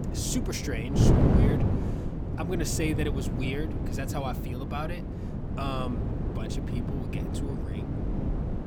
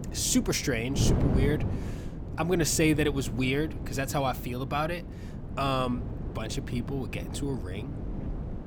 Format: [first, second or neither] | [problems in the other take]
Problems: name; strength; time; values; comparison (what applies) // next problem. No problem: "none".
second | wind noise on the microphone; heavy; 1 dB below the speech; occasional gusts in the second